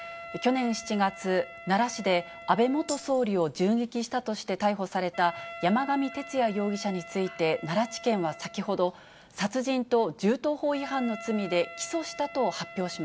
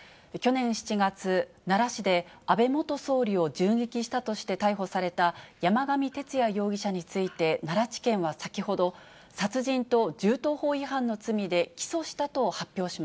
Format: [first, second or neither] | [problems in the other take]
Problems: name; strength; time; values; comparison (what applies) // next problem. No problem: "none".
second | background sound (Wind instrument, woodwind instrument + Tambourine); 16 dB below the speech